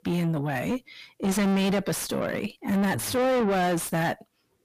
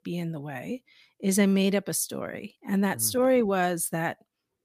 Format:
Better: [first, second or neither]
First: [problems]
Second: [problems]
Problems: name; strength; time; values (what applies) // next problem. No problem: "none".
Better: second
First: distortion; heavy; 5 dB below the speech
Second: none